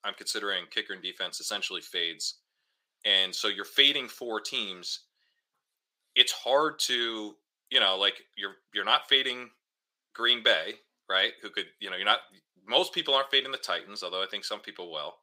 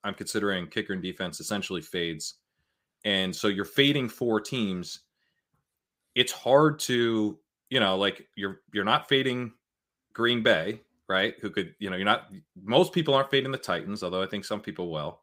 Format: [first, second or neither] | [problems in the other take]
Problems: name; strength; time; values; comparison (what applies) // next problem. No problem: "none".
second | thin; somewhat; fading below 500 Hz